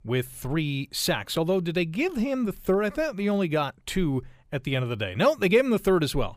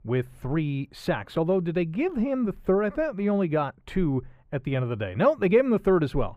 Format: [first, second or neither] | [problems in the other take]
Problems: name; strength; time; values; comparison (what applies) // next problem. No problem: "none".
first | muffled; very; fading above 3 kHz